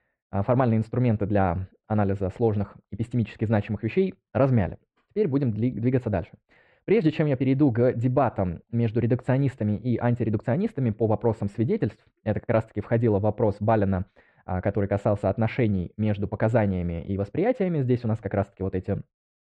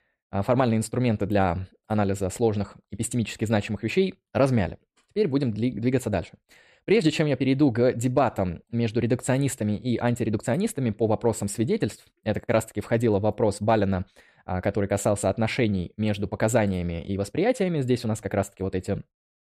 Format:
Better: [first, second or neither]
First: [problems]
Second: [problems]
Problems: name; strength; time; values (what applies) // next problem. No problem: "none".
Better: second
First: muffled; very; fading above 2 kHz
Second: none